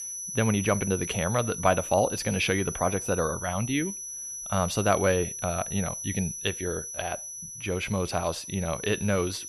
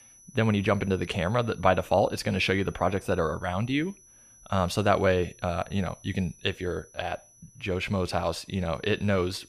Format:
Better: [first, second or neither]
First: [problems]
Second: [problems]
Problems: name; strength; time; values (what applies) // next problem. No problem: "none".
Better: second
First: high-pitched whine; loud; throughout; 6 kHz, 6 dB below the speech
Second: high-pitched whine; faint; throughout; 6 kHz, 25 dB below the speech